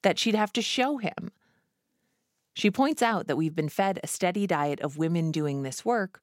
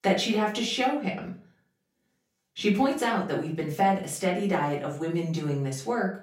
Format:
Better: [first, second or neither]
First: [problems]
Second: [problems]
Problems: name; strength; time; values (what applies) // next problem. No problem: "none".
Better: first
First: none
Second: room echo; slight; dies away in 0.4 s // off-mic speech; far